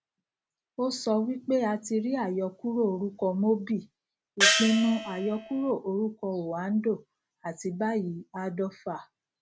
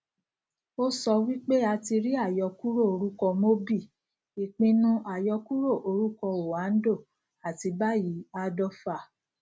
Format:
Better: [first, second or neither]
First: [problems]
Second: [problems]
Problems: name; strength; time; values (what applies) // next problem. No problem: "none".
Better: second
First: background sound (Gong); 2 dB above the speech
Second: none